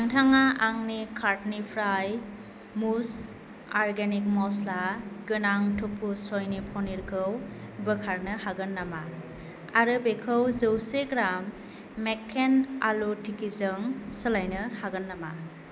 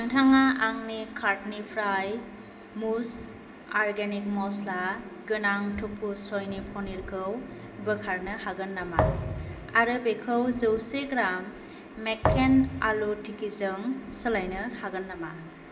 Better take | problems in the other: first | background sound (Thump, thud); 2 dB below the speech // room echo; dies away in 2.8 s

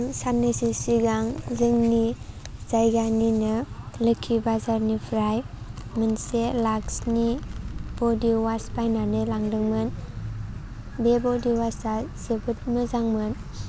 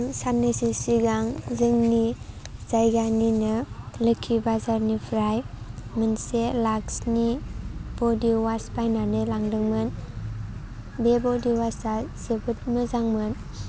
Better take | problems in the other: second | background sound (Domestic sounds, home sounds); 19 dB below the speech

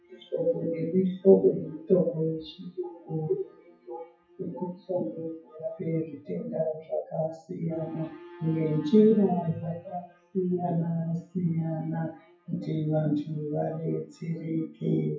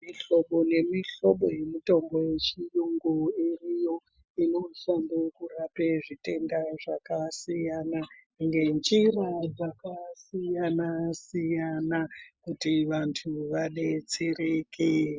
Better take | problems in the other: second | noise reduction (classical method WPE with log-MMSE)

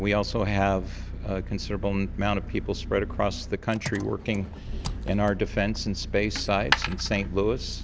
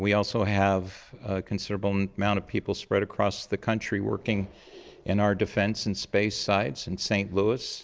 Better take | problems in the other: second | background sound (Engine + Coin (dropping)); 6 dB below the speech

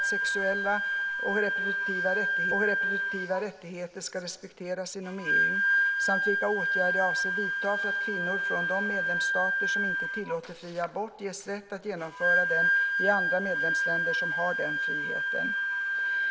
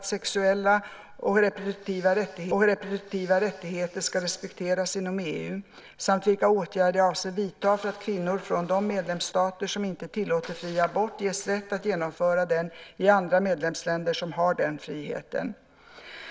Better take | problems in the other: second | background sound (Wind instrument, woodwind instrument); 5 dB above the speech

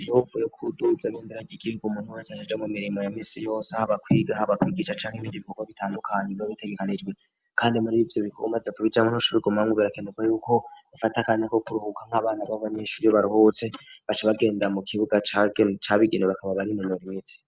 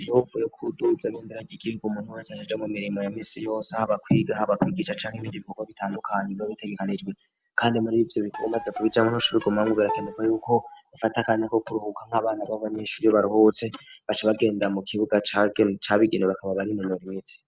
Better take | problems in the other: first | background sound (Bowed string instrument); 11 dB below the speech

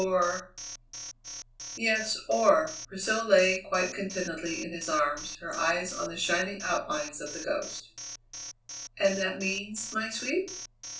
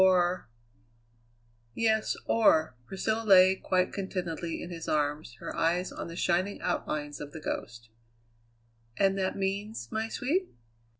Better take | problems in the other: second | background sound (Alarm); 13 dB below the speech // room echo; dies away in 0.3 s

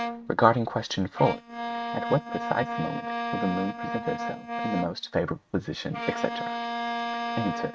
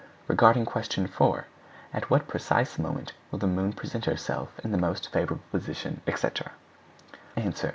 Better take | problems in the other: second | noise reduction (neural mask model RNNoise)

